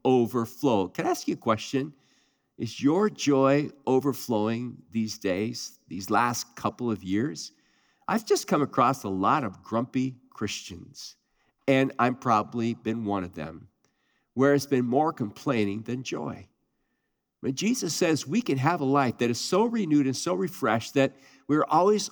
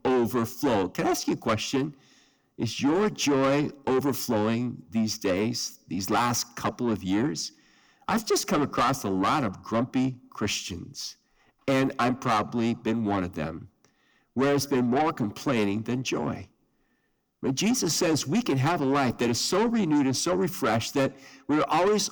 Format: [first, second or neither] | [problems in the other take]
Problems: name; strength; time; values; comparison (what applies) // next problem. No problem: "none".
first | distortion; heavy; 7 dB below the speech